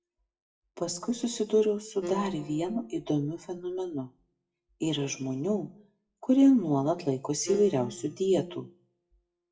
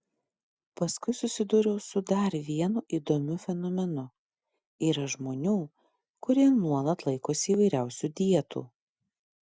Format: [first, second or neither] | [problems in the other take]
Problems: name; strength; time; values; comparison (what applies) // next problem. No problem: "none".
second | noise reduction (classical method WPE with log-MMSE)